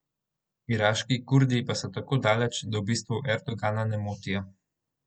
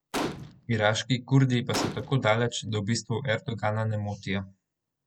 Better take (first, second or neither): first